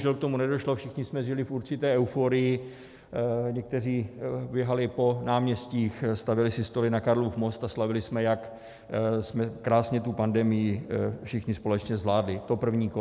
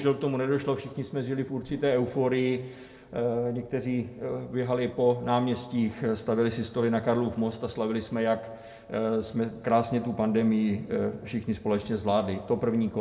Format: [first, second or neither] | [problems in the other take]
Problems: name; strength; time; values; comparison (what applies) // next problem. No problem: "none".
first | background sound (Whoosh, swoosh, swish); 19 dB below the speech // room echo; dies away in 1.6 s